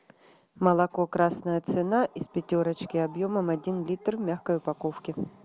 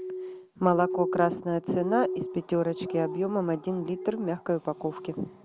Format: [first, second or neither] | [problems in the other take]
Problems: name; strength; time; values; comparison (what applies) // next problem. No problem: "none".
first | background sound (Glass); 8 dB below the speech